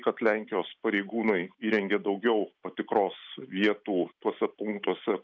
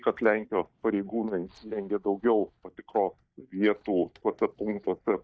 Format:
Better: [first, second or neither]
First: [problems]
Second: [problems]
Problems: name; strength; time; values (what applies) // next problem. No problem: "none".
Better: first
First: none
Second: noise reduction (neural mask model DeepFilterNet 3)